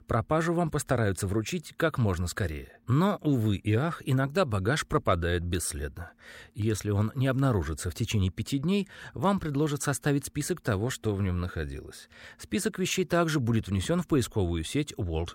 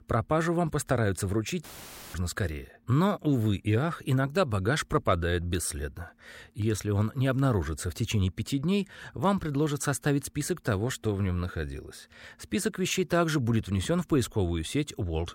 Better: first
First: none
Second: audio cutting out; filled with static; at 1.5 s for 0.5 s

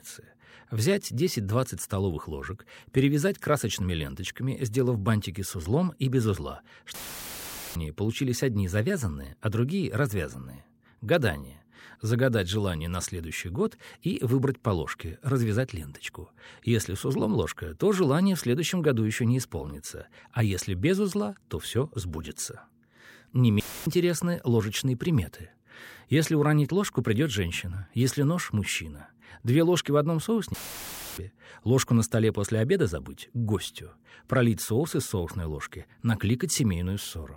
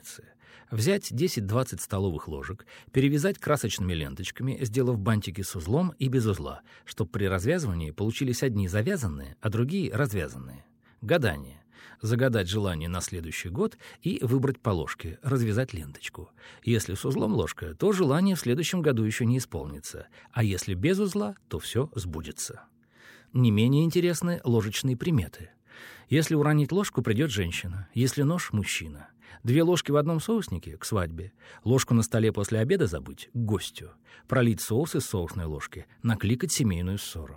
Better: second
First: audio cutting out; filled with static; at 7 s for 1 s, at 24 s and at 31 s for 0.5 s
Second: none

